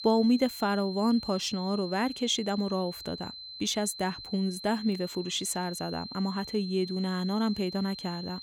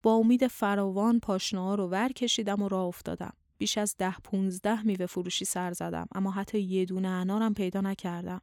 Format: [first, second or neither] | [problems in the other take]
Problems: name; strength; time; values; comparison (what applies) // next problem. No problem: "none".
second | high-pitched whine; noticeable; throughout; 4 kHz, 10 dB below the speech